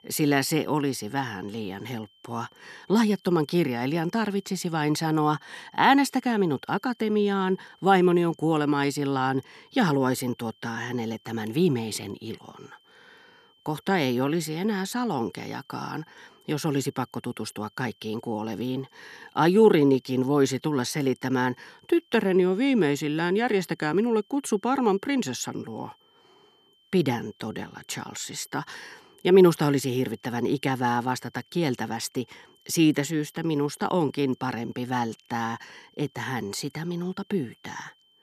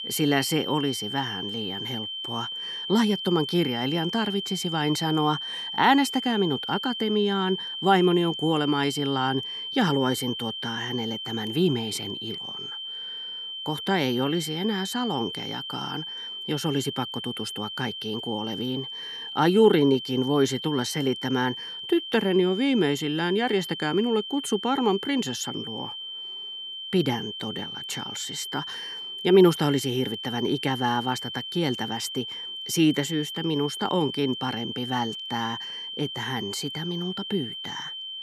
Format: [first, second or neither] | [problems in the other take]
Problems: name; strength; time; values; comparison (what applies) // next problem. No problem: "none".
first | high-pitched whine; loud; throughout; 3 kHz, 6 dB below the speech; faint in the first